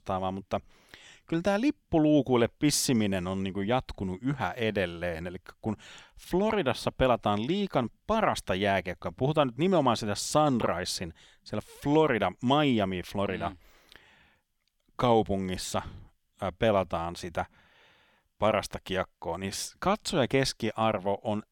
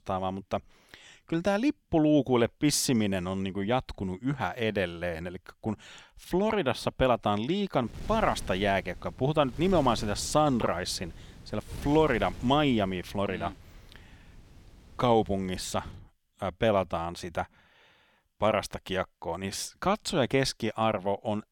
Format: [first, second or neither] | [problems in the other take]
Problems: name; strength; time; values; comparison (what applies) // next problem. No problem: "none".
first | wind noise on the microphone; occasional gusts; from 8 to 16 s; 25 dB below the speech